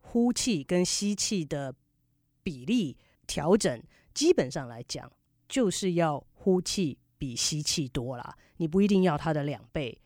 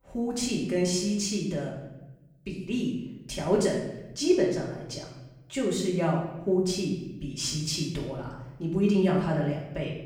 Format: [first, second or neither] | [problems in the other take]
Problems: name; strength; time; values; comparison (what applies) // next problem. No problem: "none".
first | off-mic speech; far // room echo; noticeable; dies away in 0.9 s